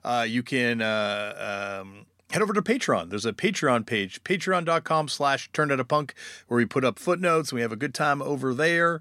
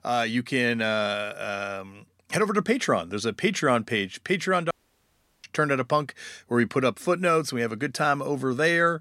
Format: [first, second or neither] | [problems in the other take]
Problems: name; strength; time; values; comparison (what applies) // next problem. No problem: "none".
first | audio cutting out; at 4.5 s for 0.5 s